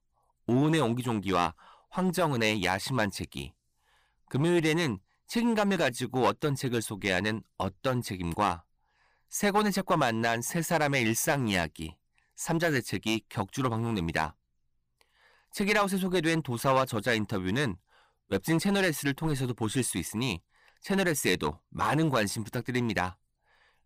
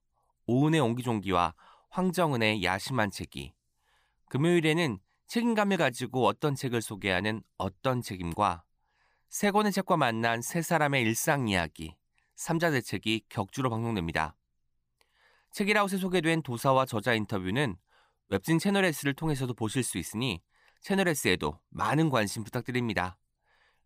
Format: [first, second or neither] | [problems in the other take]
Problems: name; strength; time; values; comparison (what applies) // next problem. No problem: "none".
second | distortion; slight; 4% of the sound clipped